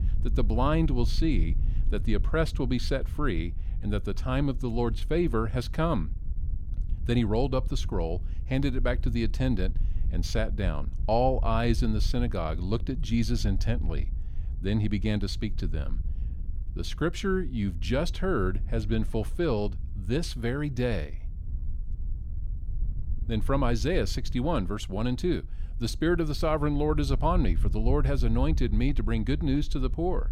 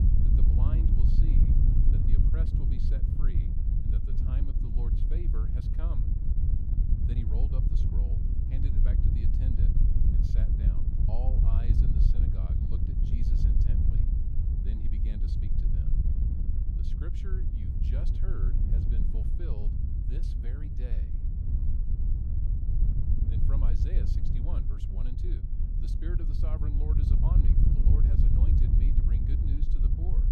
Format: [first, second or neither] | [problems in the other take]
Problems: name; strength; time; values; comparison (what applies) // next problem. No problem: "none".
first | wind noise on the microphone; heavy; 5 dB above the speech; occasional gusts in the first